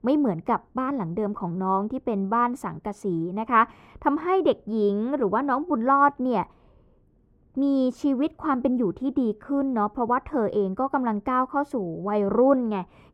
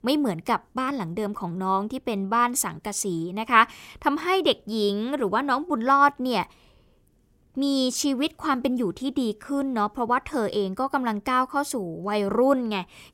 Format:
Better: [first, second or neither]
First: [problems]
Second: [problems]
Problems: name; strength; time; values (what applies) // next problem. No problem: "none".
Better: second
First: muffled; very; fading above 2.5 kHz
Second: none